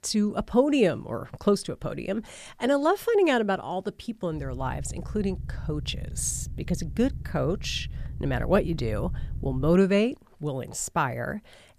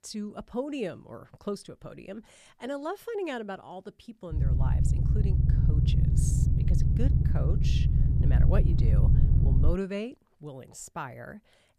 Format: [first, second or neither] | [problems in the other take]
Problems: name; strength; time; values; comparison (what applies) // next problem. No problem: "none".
first | low rumble; loud; from 4.5 to 9.5 s; as loud as the speech; faint in the first